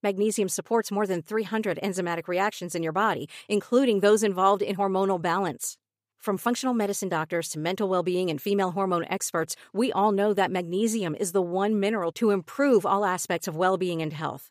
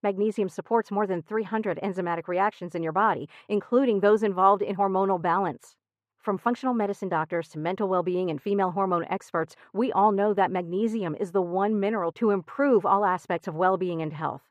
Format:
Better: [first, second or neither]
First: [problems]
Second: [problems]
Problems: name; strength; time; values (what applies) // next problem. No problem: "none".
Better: first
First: none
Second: muffled; very; fading above 4 kHz